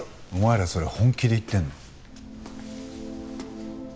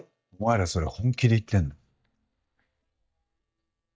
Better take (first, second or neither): first